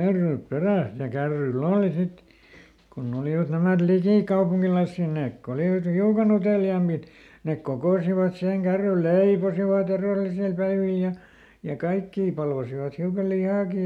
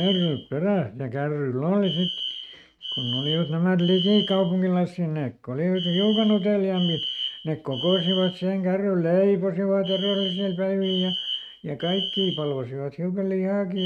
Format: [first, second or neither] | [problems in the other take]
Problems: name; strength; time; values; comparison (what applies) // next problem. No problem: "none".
first | noise reduction (neural mask model RNNoise)